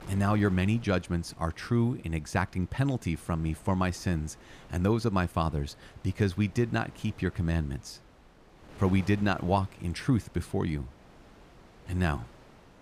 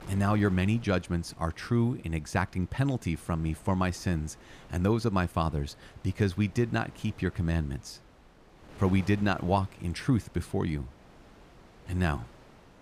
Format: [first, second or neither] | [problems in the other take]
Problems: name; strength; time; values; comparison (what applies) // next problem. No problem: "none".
neither | wind noise on the microphone; occasional gusts; 20 dB below the speech; the same in both